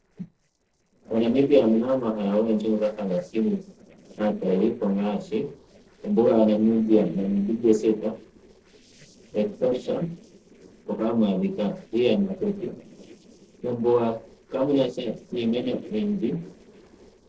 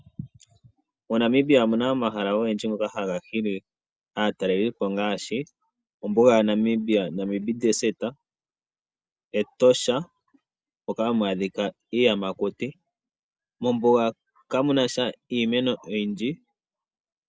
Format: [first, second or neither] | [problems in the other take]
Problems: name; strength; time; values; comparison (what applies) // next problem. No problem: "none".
second | noise reduction (neural separator model SepFormer DNS4)